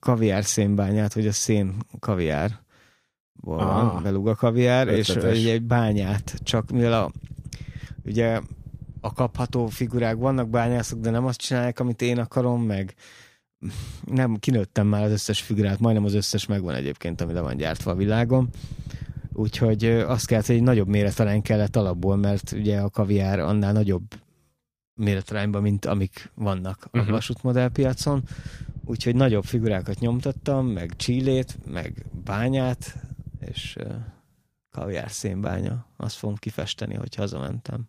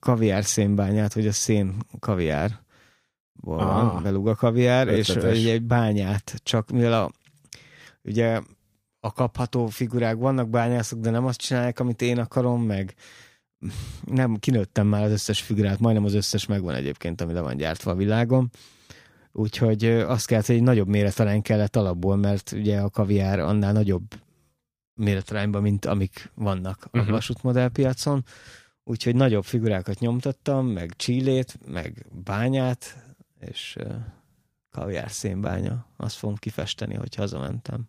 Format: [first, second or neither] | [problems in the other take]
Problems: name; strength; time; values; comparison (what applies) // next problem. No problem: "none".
second | low rumble; faint; from 6 to 11 s, from 17 to 23 s and from 28 to 34 s; 25 dB below the speech